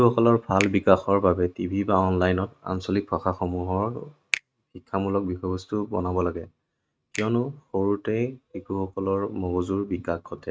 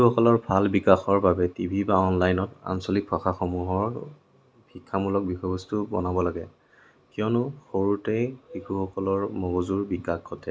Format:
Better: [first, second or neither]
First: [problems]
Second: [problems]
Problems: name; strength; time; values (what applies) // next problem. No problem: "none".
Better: second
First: noise reduction (neural mask model RNNoise)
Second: none